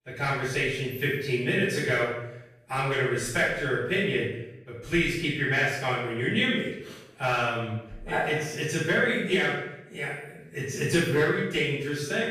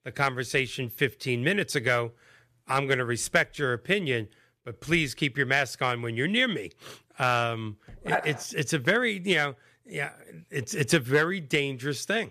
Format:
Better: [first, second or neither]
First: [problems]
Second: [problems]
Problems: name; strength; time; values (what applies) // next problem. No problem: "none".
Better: second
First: off-mic speech; far // room echo; noticeable; dies away in 0.7 s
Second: none